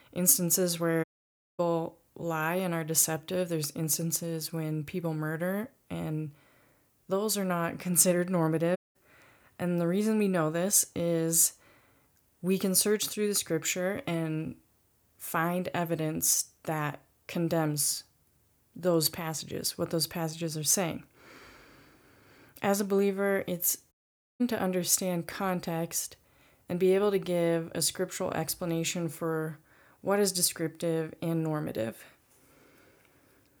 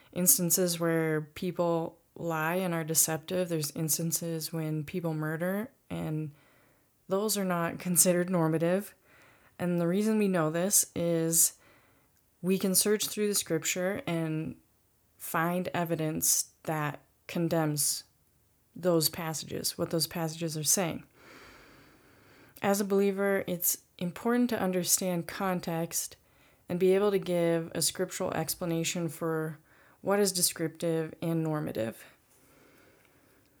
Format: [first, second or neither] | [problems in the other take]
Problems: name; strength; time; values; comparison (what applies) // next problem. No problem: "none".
second | audio cutting out; at 1 s for 0.5 s, at 9 s and at 24 s